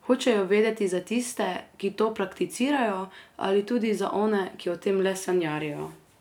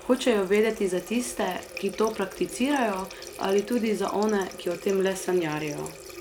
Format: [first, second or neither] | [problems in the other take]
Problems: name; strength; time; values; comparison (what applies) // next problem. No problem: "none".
first | background sound (Water tap, faucet); 15 dB below the speech